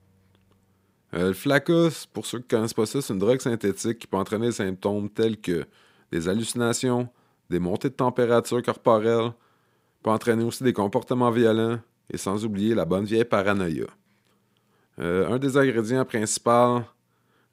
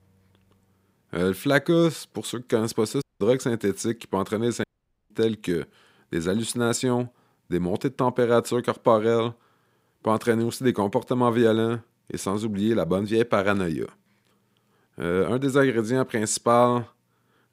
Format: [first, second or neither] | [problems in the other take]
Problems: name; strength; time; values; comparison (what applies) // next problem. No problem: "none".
first | audio cutting out; at 3 s and at 4.5 s